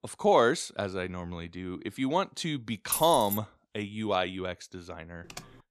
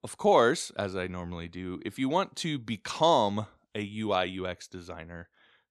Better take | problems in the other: second | jangling keys; noticeable; at 3 s; peak 2 dB below the speech // keyboard typing; faint; at 5 s; peak 15 dB below the speech

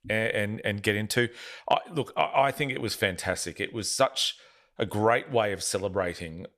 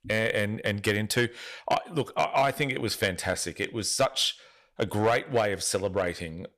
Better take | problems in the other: first | distortion; slight; 2% of the sound clipped

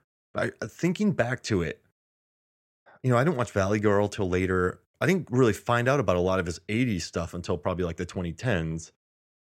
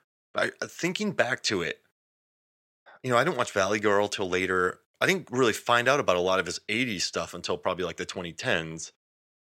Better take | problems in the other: first | thin; somewhat; fading below 1 kHz

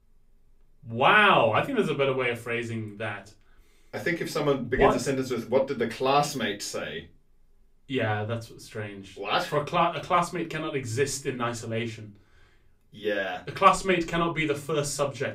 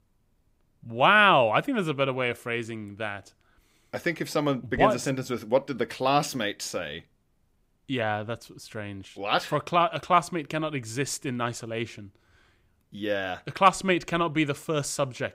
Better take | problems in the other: second | off-mic speech; far // room echo; very slight; dies away in 0.2 s

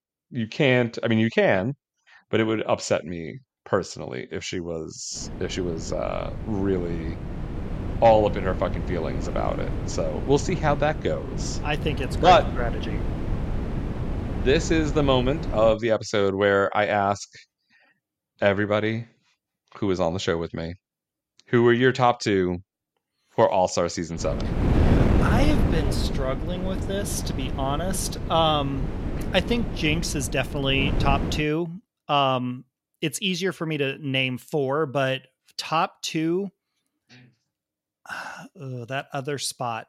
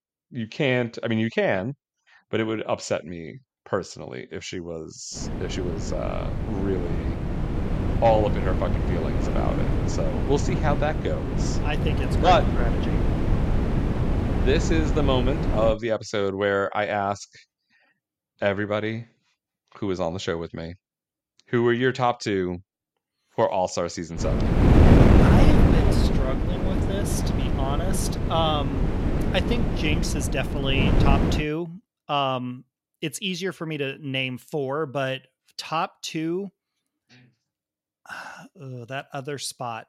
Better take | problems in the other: first | wind noise on the microphone; heavy; from 5 to 16 s and from 24 to 31 s; 3 dB below the speech; occasional gusts in the first

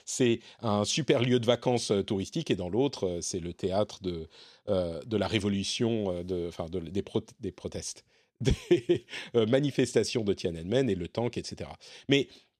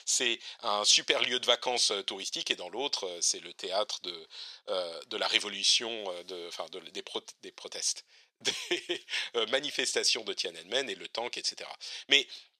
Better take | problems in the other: first | thin; very; fading below 850 Hz

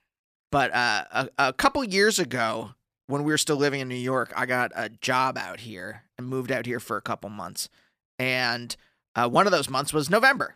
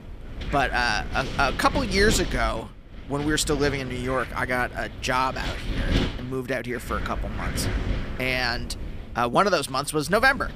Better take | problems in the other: first | wind noise on the microphone; occasional gusts; 10 dB below the speech

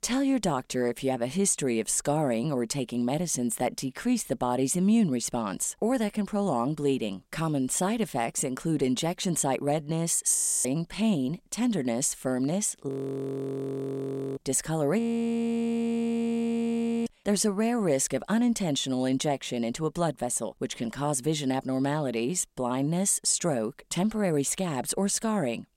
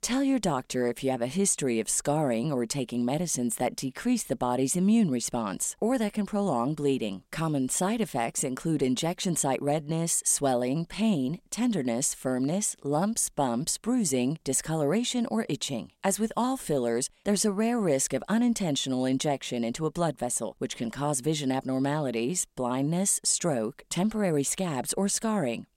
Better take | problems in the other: second | audio freezing; at 10 s, at 13 s for 1.5 s and at 15 s for 2 s

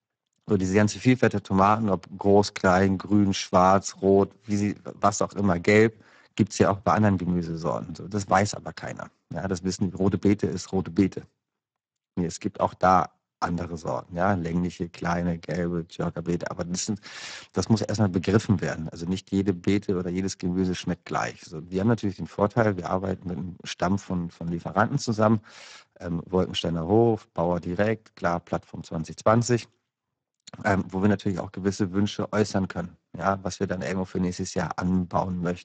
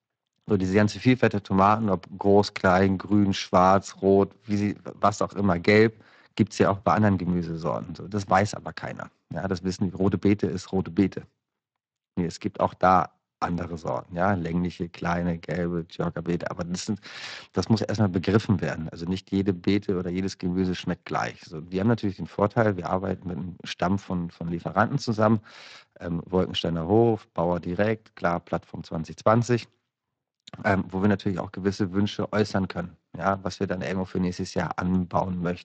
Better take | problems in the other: second | garbled, watery; badly; nothing above 7.5 kHz; slightly in the second

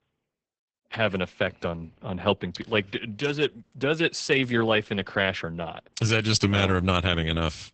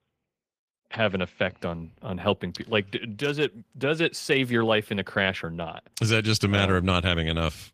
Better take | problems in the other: second | garbled, watery; badly; nothing above 8 kHz; slightly in the second

